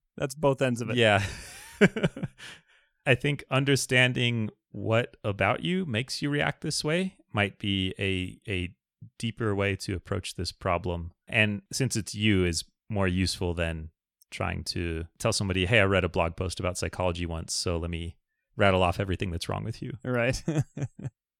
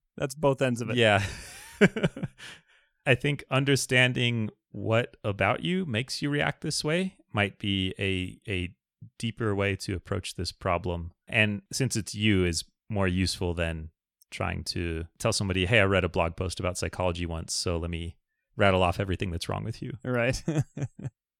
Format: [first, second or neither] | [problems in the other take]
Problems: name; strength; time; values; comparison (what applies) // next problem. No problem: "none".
neither | none